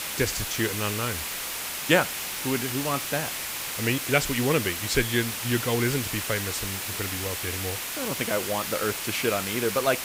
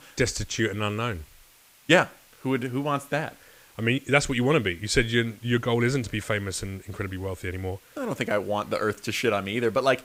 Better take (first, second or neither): second